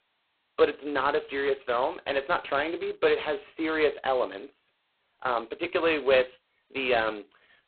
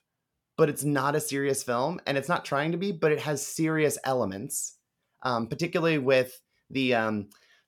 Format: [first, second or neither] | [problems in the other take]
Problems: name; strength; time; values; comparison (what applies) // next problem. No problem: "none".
second | phone-call audio; poor line; nothing above 4 kHz